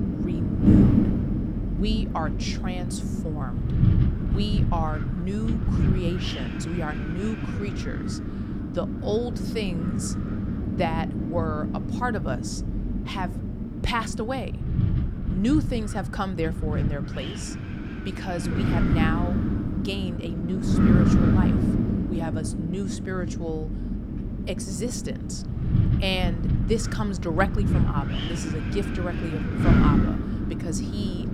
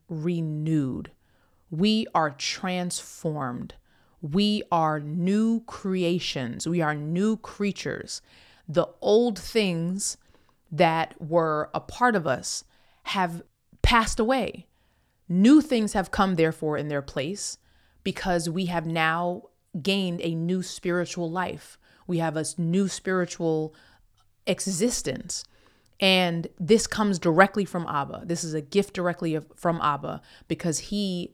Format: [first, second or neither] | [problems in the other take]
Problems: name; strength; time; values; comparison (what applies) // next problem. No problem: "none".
second | wind noise on the microphone; heavy; 1 dB below the speech